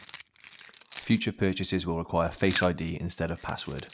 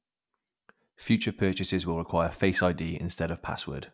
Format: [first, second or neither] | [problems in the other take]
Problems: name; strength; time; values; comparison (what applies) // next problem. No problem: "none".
second | background sound (Keys jangling); 16 dB below the speech